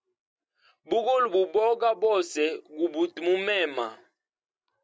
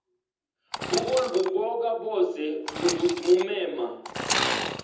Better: first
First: none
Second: background sound (Sawing / Engine); 6 dB below the speech // room echo; dies away in 0.8 s

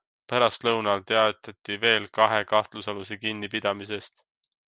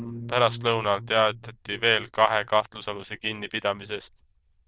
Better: first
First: none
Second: noise reduction (neural diffusion model UNIVERSE++)

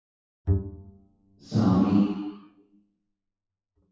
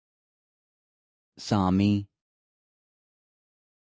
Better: second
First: noise reduction (classical method WPE with log-MMSE)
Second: none

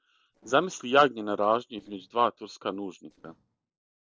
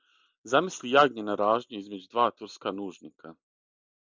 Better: second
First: noise reduction (neural separator model SepFormer DNS4)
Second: none

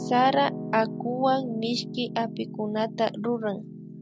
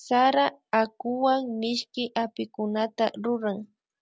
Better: second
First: background sound (Piano); 9 dB below the speech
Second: none

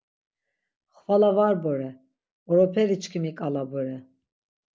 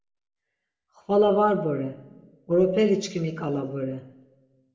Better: first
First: none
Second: room echo; dies away in 0.7 s

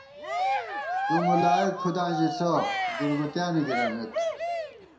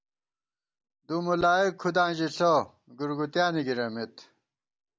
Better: second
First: background sound (Cheering); 1 dB below the speech // room echo; dies away in 0.6 s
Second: none

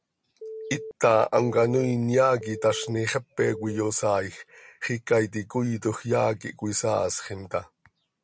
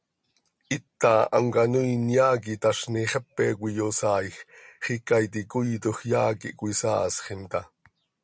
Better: second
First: background sound (Telephone); 13 dB below the speech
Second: none

